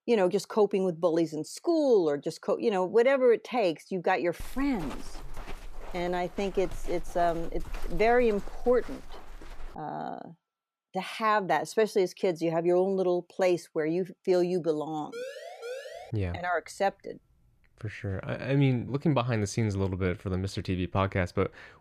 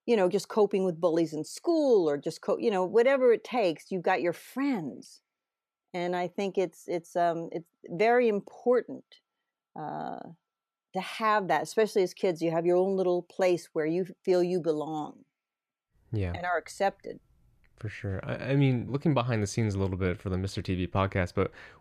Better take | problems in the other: second | footsteps; faint; from 4.5 to 9.5 s; peak 15 dB below the speech // siren; faint; at 15 s; peak 10 dB below the speech

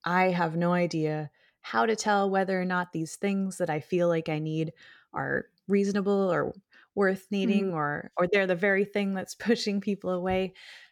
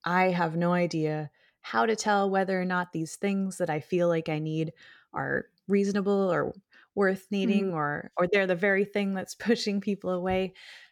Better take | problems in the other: neither | none

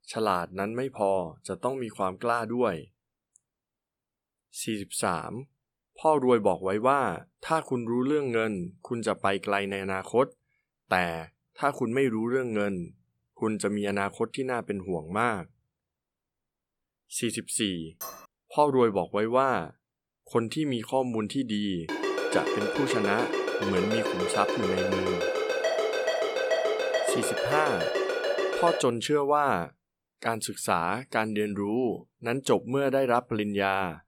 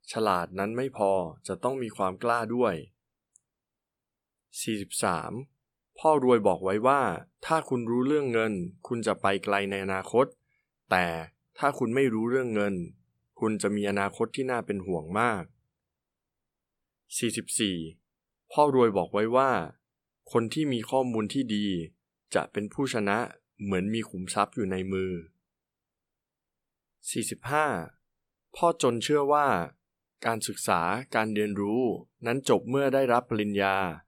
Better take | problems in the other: second | clattering dishes; faint; at 18 s; peak 10 dB below the speech // phone ringing; loud; from 22 to 29 s; peak 2 dB above the speech

